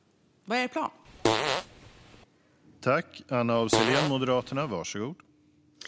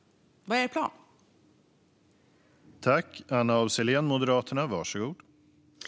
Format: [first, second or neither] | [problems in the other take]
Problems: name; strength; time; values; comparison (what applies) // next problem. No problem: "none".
second | background sound (Fart); 1 dB above the speech